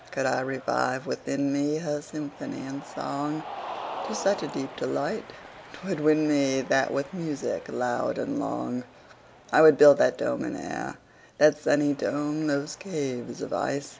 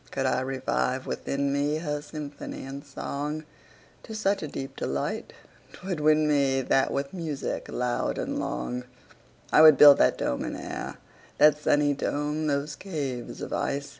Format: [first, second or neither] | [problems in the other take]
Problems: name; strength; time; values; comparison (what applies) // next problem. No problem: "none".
second | background sound (Cheering); 17 dB below the speech